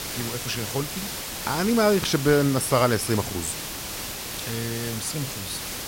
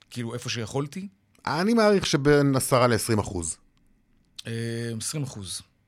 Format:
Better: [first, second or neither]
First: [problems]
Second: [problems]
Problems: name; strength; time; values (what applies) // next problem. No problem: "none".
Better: second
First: hiss; loud; throughout; 6 dB below the speech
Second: none